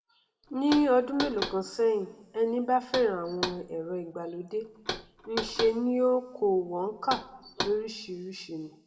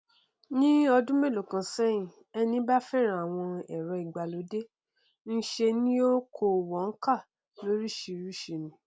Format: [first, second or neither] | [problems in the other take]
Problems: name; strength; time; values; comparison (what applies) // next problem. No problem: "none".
second | background sound (Knock); 10 dB below the speech // room echo; dies away in 1.7 s